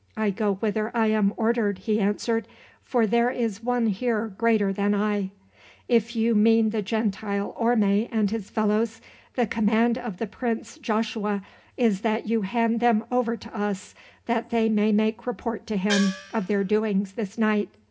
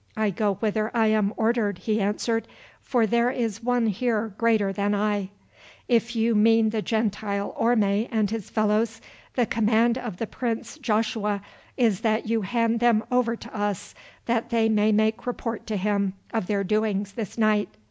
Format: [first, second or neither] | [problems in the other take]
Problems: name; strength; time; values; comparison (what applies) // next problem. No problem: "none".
second | background sound (Gong); 9 dB below the speech // room echo; dies away in 0.3 s